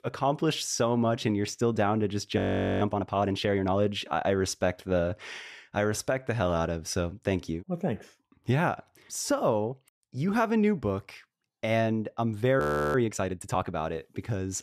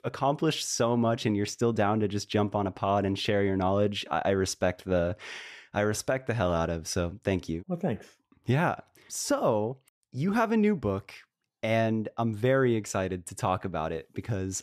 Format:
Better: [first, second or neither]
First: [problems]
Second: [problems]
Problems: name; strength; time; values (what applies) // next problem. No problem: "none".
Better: second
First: audio freezing; at 2.5 s and at 13 s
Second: none